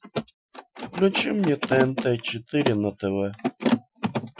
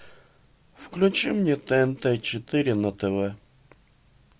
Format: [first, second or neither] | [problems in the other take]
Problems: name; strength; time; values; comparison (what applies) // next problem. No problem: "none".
second | noise reduction (classical method Wiener filter)